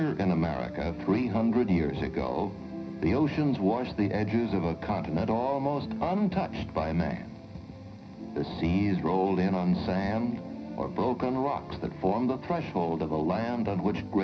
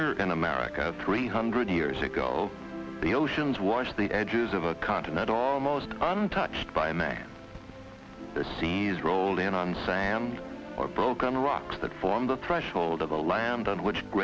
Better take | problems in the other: second | room echo; dies away in 0.4 s

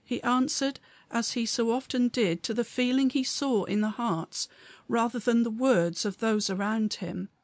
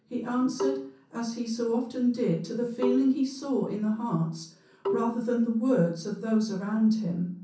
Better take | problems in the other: first | background sound (Marimba, xylophone); 6 dB below the speech // room echo; dies away in 0.6 s

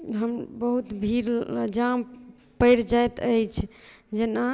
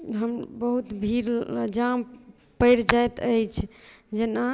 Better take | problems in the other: first | noise reduction (neural mask model Resemble Enhance denoiser)

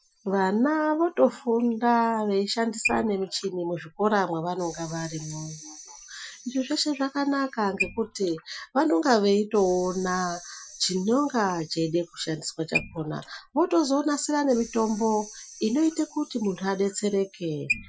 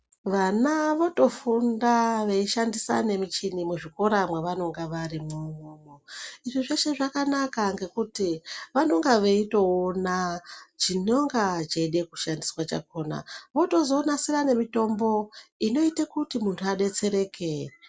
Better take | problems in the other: second | noise reduction (classical method Wiener filter)

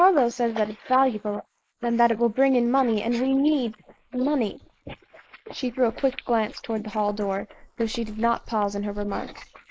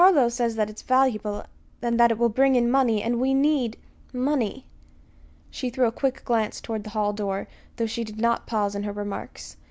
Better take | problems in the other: second | noise reduction (neural mask model Resemble Enhance denoiser)

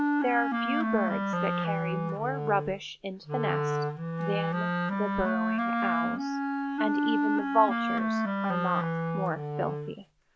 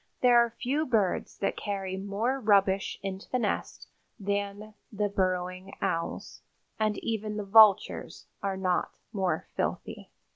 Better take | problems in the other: second | background sound (Wind instrument, woodwind instrument); 4 dB above the speech

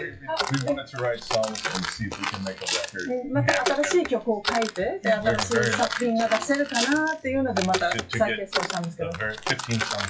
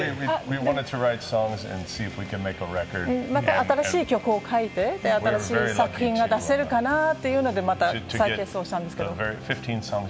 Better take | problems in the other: second | noise reduction (classical method WPE with log-MMSE)

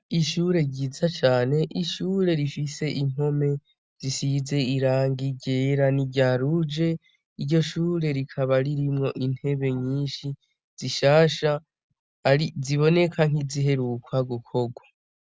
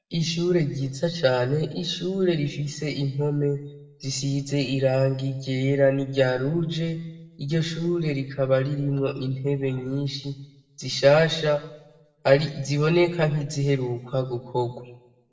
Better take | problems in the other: first | room echo; dies away in 0.7 s

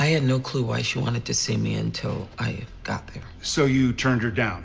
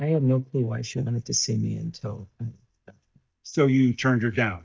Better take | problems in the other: first | noise reduction (neural mask model DeepFilterNet 3)

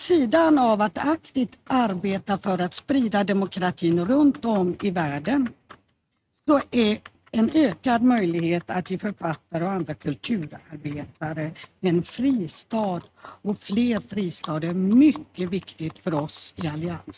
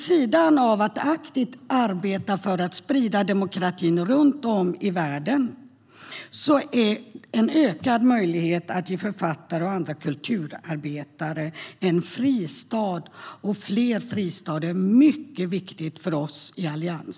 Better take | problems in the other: second | noise reduction (neural mask model RNNoise)

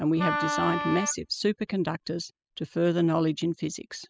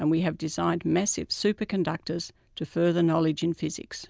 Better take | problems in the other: second | noise reduction (classical method spectral subtraction)

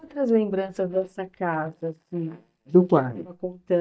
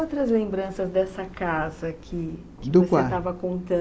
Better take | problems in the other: second | noise reduction (neural mask model DeepFilterNet 3)

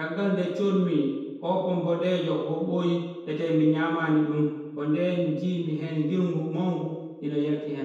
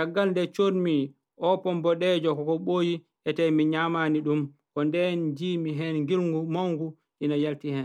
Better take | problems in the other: second | room echo; dies away in 1.1 s

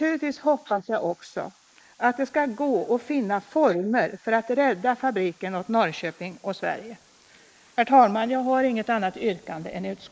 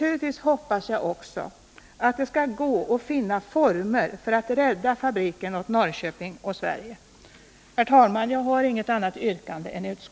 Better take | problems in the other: second | noise reduction (neural mask model Resemble Enhance denoiser)

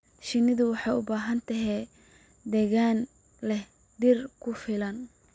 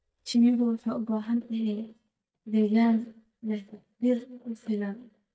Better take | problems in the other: first | noise reduction (neural mask model DeepFilterNet 3)

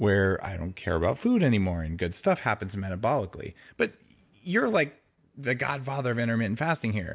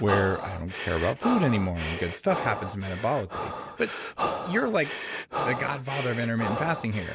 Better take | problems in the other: first | background sound (Breathing); 5 dB below the speech

